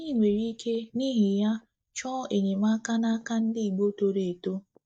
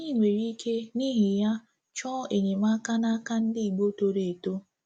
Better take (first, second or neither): second